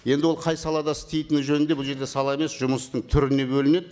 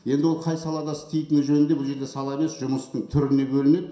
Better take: first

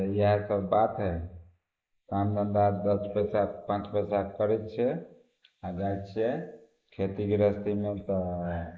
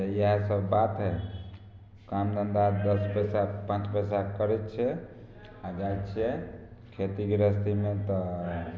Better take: second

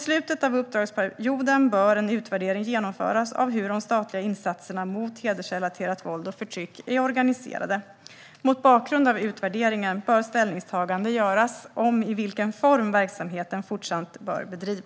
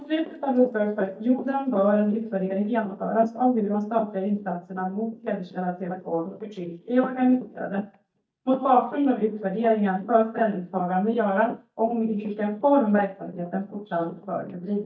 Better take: first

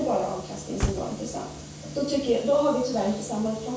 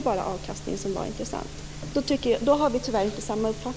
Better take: second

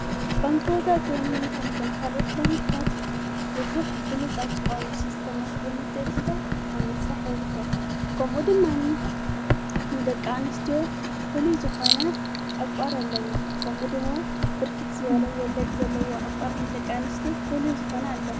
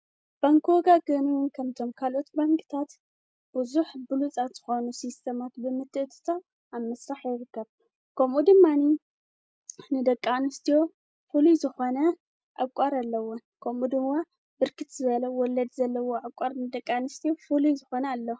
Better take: second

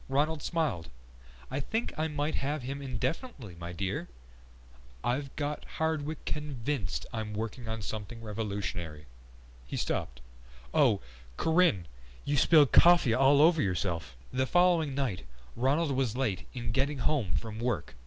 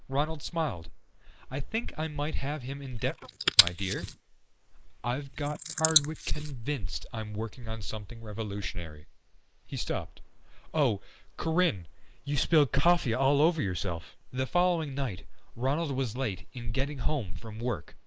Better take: first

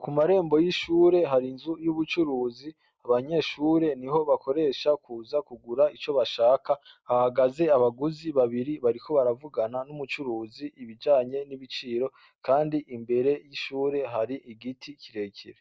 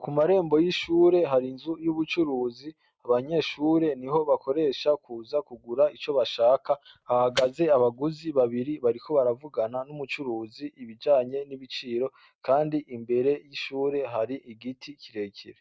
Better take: first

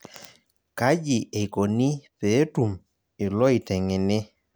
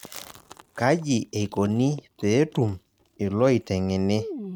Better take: first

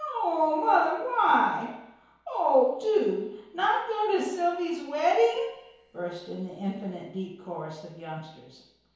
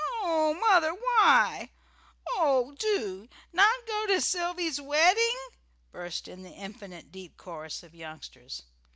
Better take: second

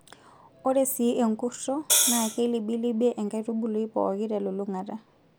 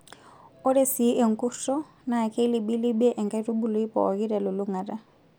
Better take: second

